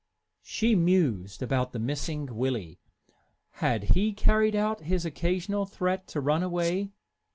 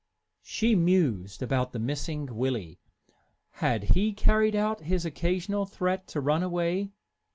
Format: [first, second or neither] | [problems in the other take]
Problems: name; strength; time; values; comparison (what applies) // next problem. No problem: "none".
second | background sound (Squeak); 19 dB below the speech